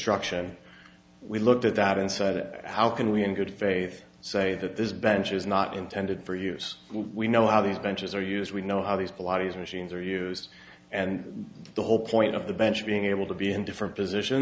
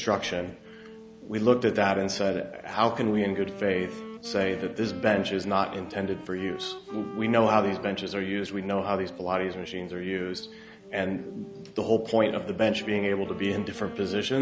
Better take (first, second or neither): first